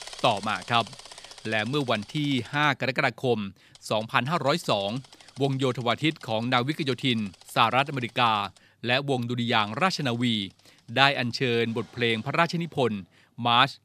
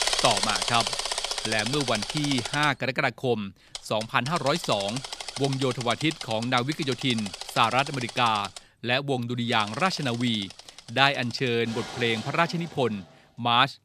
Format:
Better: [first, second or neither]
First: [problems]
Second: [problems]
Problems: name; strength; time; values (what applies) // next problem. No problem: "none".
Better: first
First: machinery noise; faint; throughout; 20 dB below the speech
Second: machinery noise; loud; throughout; 6 dB below the speech